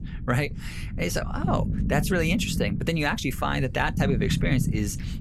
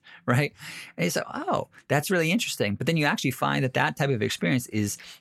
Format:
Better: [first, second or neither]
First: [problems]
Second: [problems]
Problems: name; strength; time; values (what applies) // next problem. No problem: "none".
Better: second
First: low rumble; noticeable; throughout; 10 dB below the speech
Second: none